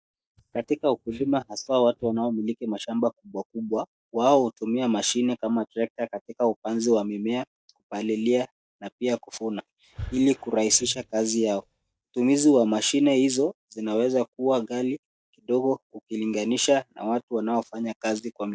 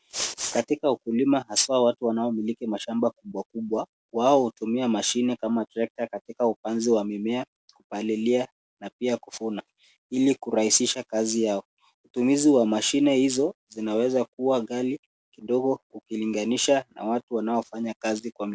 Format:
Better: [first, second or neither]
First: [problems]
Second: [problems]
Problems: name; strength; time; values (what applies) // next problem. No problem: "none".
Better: second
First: noise reduction (neural mask model DeepFilterNet 3)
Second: none